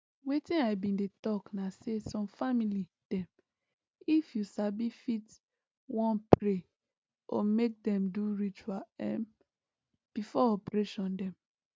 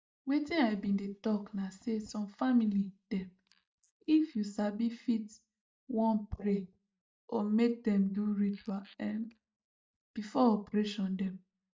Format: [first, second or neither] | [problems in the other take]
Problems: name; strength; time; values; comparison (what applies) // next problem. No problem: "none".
first | noise reduction (neural mask model DeepFilterNet 3)